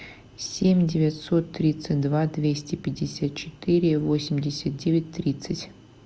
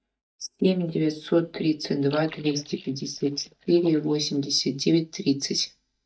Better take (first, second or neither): first